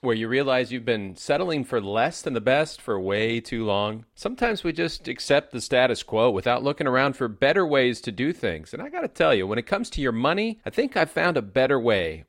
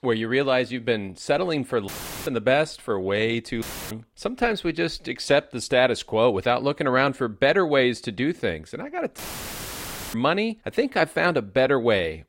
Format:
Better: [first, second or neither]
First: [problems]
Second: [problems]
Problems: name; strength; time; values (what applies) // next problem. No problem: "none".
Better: first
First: none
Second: audio cutting out; filled with static; at 2 s, at 3.5 s and at 9 s for 1 s